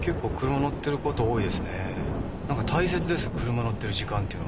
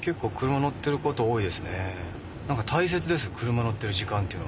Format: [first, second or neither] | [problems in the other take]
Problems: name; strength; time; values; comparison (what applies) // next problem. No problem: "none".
second | background sound (Thunder); 3 dB below the speech